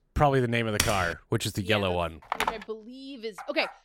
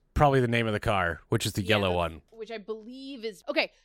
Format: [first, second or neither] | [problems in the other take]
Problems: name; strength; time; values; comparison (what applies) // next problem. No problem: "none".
second | keyboard typing; noticeable; at 1 s; peak level with the speech // phone ringing; noticeable; at 2.5 s; peak 2 dB below the speech // dog barking; faint; at 3.5 s; peak 10 dB below the speech